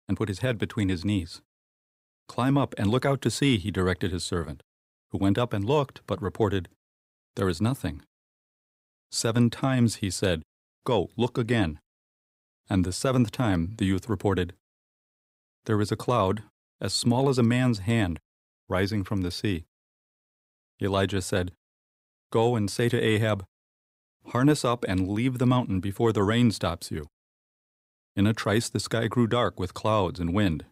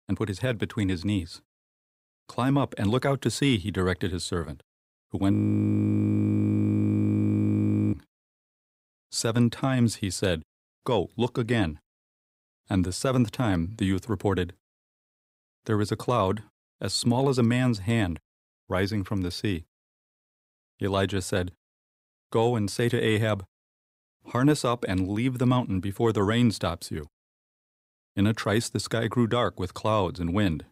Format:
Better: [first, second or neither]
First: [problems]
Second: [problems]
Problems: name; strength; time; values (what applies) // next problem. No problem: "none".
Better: first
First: none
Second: audio freezing; at 5.5 s for 2.5 s